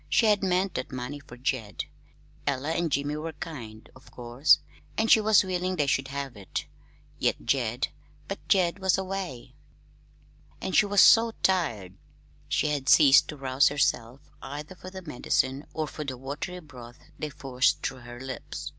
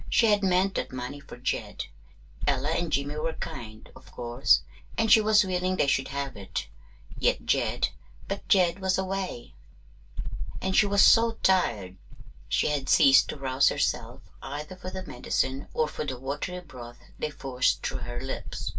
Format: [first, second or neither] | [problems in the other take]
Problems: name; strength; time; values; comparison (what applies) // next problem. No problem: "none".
first | background sound (Insect); 5 dB below the speech // room echo; dies away in 0.1 s